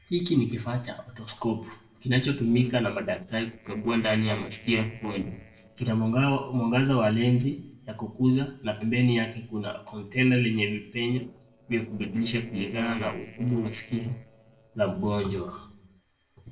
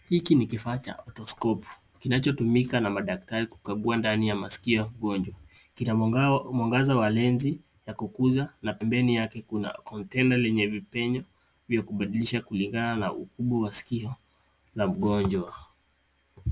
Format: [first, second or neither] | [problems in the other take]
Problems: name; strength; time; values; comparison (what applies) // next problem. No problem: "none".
second | noise reduction (neural separator model SepFormer DNS4)